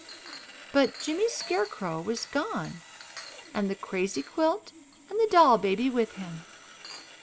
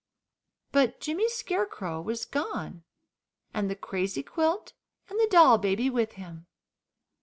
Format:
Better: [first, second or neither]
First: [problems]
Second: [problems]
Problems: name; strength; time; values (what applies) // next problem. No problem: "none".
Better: second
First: background sound (Sawing + Chink, clink); 17 dB below the speech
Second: none